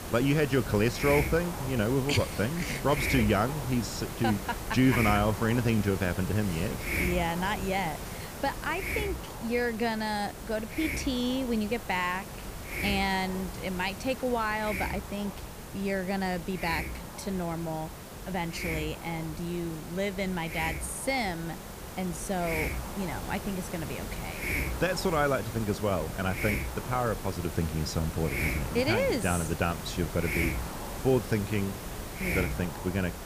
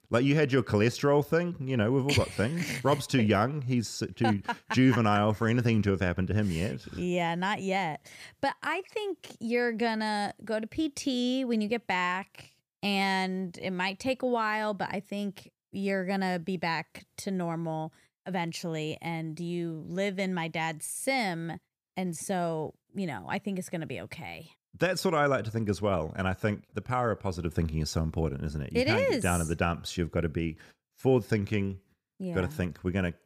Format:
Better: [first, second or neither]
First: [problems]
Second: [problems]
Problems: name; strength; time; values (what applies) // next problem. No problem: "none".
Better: second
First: hiss; loud; throughout; 6 dB below the speech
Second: none